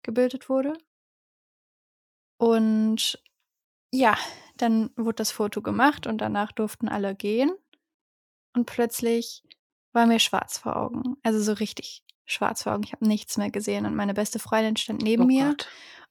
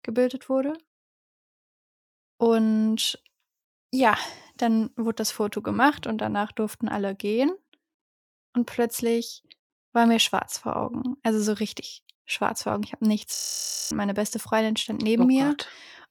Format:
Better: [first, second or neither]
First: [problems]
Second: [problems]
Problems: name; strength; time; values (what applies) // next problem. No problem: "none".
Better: first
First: none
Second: audio freezing; at 13 s for 0.5 s